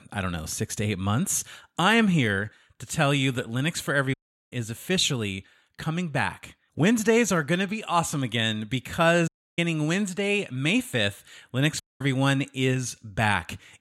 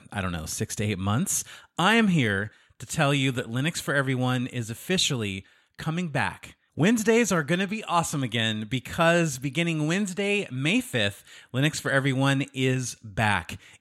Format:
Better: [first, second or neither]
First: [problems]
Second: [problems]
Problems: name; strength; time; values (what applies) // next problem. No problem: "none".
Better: second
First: audio cutting out; at 4 s, at 9.5 s and at 12 s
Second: none